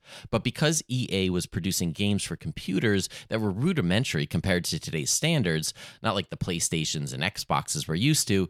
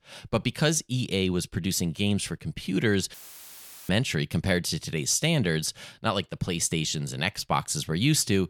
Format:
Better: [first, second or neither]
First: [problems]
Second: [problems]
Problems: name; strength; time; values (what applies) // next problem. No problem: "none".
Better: first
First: none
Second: audio cutting out; filled with static; at 3 s for 1 s